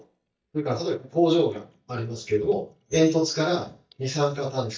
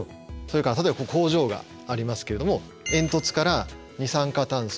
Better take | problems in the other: second | noise reduction (neural mask model DeepFilterNet 3)

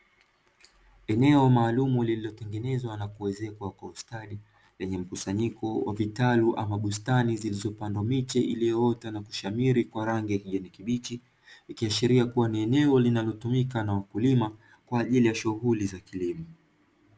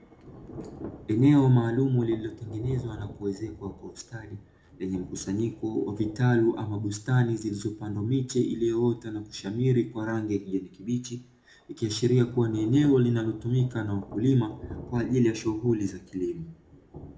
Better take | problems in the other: first | background sound (Thunder / Rain); 18 dB below the speech // room echo; dies away in 0.3 s

